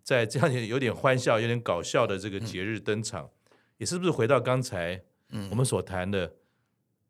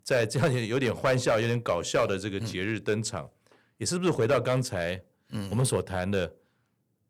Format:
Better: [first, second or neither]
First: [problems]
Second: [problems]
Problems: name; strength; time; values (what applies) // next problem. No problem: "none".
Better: first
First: none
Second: distortion; slight; 3% of the sound clipped